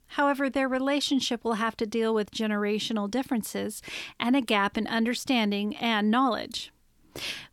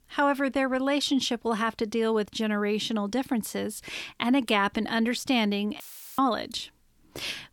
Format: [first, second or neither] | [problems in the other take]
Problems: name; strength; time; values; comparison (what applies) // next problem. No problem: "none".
first | audio cutting out; filled with static; at 6 s